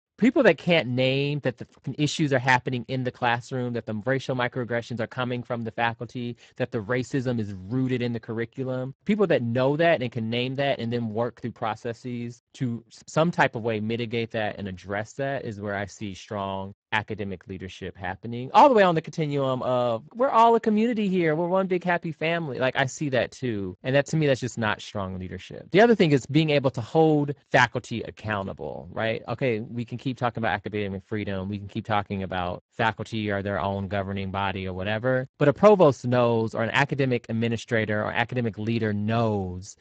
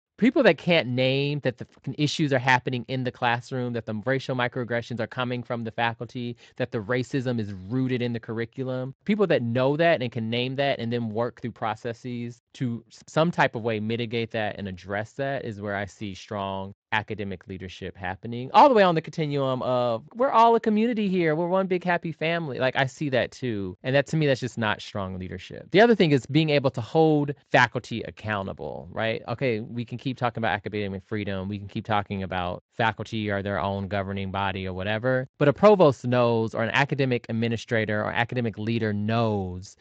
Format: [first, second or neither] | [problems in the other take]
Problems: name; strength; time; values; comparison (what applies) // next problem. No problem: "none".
second | garbled, watery; badly; nothing above 7.5 kHz; slightly in the second